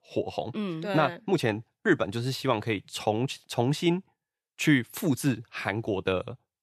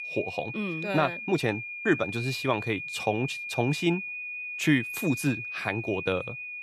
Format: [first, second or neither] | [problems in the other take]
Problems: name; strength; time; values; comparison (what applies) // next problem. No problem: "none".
first | high-pitched whine; loud; throughout; 2.5 kHz, 5 dB below the speech